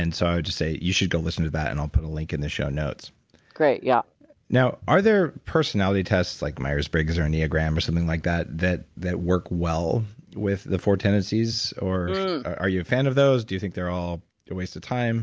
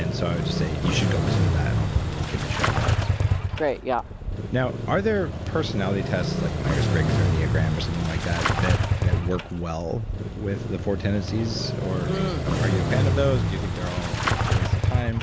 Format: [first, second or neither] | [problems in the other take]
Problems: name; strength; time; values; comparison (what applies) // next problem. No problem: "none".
first | background sound (Engine starting / Motorcycle); 4 dB above the speech